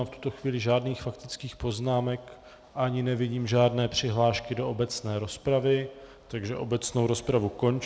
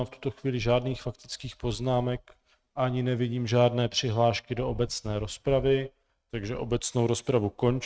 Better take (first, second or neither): first